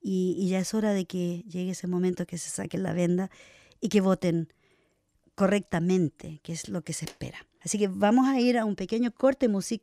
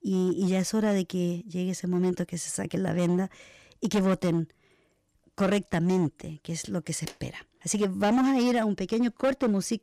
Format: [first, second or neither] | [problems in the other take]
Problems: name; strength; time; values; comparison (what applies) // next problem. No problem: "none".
first | distortion; slight; 8% of the sound clipped